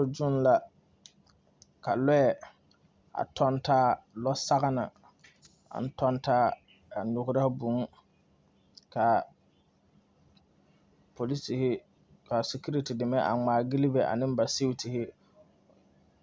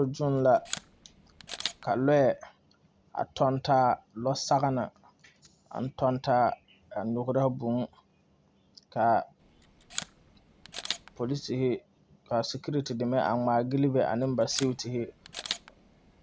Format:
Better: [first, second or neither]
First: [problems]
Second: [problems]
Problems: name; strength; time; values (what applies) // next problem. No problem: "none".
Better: first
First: none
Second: background sound (Camera); 13 dB below the speech